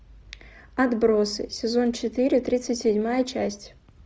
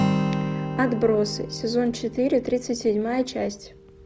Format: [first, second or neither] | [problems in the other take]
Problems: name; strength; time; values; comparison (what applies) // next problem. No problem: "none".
first | background sound (Acoustic guitar); 5 dB below the speech